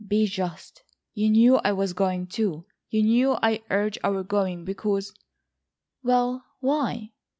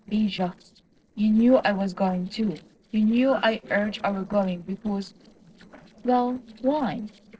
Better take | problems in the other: first | noise reduction (neural separator model SepFormer DNS4)

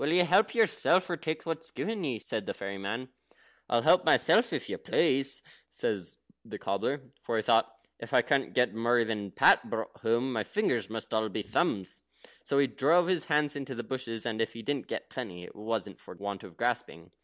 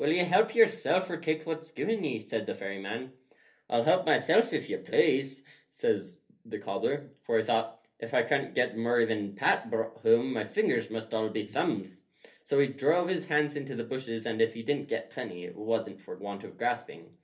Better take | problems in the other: first | room echo; dies away in 0.3 s

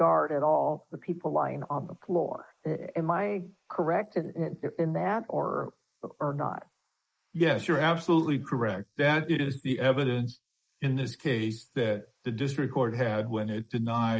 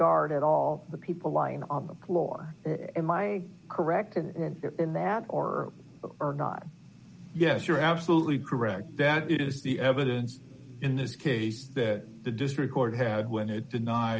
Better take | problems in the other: second | noise reduction (neural mask model Resemble Enhance denoiser)

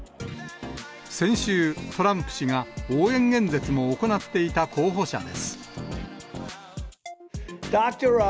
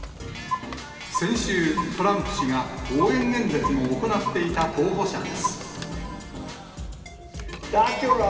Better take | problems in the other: first | background sound (Clock); 8 dB below the speech // room echo; dies away in 2.5 s

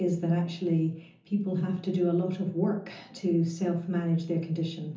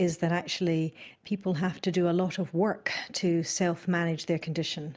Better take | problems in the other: second | room echo; dies away in 0.6 s

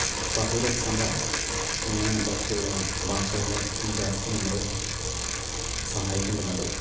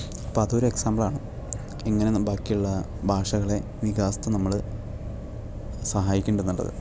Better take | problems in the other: second | background sound (Bicycle); as loud as the speech // room echo; dies away in 1 s

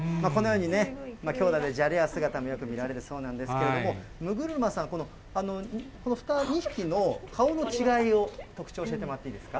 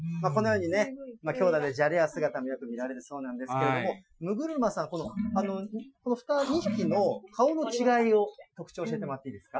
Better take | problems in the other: first | noise reduction (classical method Wiener filter)

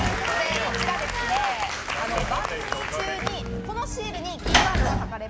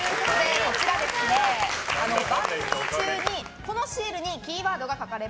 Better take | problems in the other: second | background sound (Piano + Sliding door / Slam); 1 dB below the speech

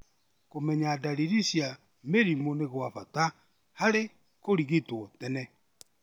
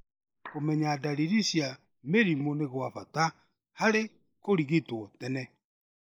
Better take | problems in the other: first | noise reduction (neural mask model Resemble Enhance denoiser)

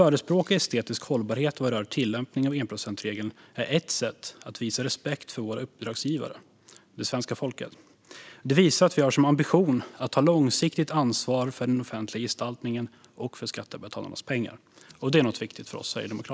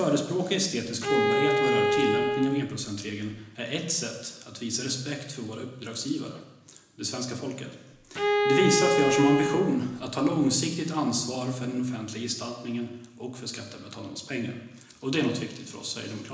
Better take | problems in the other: first | background sound (Bowed string instrument); 3 dB above the speech // room echo; dies away in 1 s

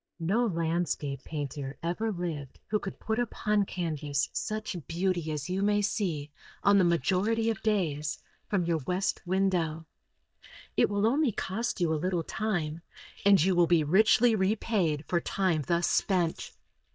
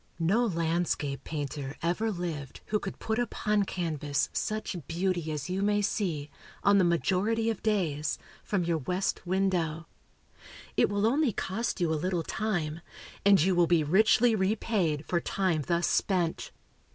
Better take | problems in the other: second | noise reduction (neural mask model DeepFilterNet 3)

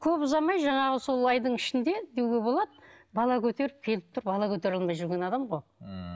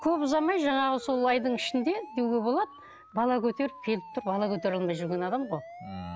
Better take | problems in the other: first | background sound (Siren); 17 dB below the speech

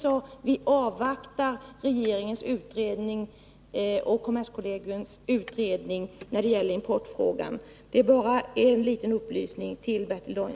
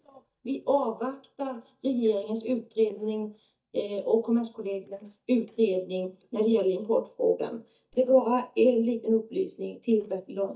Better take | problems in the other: first | noise reduction (neural mask model DeepFilterNet 3)

